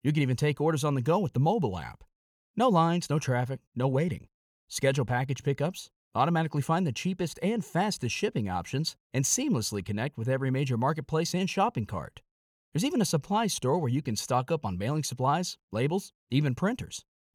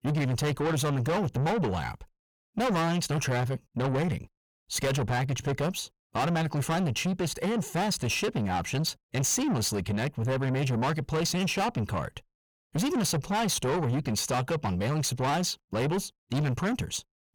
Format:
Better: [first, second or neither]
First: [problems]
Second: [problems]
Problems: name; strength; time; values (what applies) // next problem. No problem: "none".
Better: first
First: none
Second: distortion; heavy; 6 dB below the speech